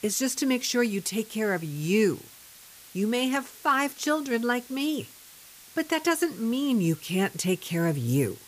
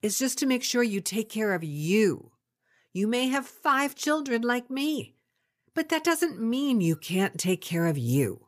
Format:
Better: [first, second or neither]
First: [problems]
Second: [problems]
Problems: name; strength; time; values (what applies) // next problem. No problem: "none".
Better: second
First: hiss; noticeable; throughout; 20 dB below the speech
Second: none